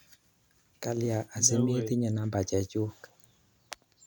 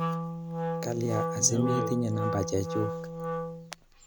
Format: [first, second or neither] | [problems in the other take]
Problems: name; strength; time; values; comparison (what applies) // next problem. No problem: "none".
first | background sound (Wind instrument, woodwind instrument); 2 dB below the speech